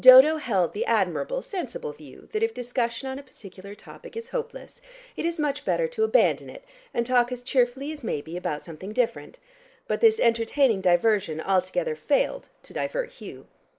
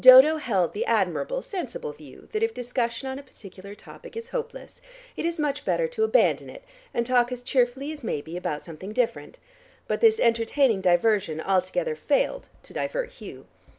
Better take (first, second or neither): second